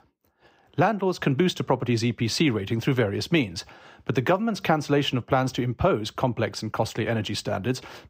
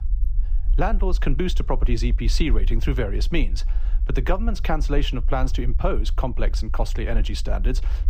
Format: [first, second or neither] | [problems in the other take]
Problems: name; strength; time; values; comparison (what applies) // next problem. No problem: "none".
first | low rumble; faint; throughout; 20 dB below the speech